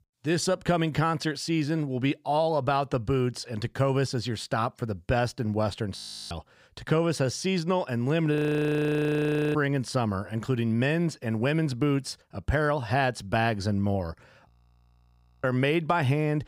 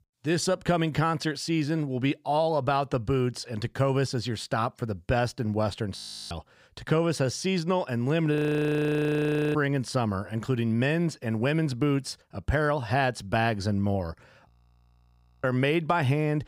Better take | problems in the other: neither | audio freezing; at 6 s, at 8.5 s for 1 s and at 14 s for 1 s; the same in both

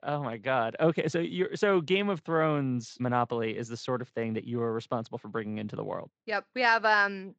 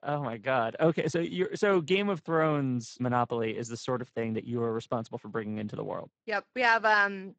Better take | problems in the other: first | garbled, watery; badly; nothing above 8 kHz; slightly in the first

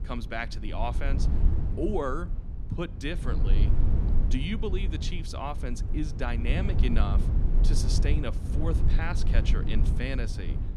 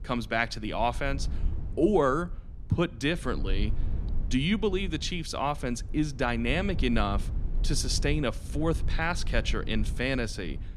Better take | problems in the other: second | low rumble; loud; throughout; 8 dB below the speech; faint in the second

